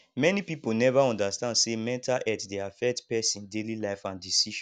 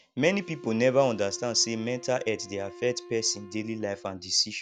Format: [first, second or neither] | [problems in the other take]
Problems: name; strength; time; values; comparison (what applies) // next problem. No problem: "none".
first | background sound (Wind instrument, woodwind instrument); 18 dB below the speech